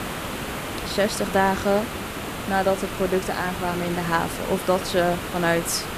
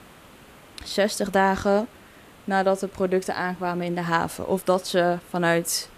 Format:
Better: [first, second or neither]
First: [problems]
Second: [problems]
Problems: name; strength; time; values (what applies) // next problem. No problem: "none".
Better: second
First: hiss; loud; throughout; 7 dB below the speech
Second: hiss; faint; throughout; 25 dB below the speech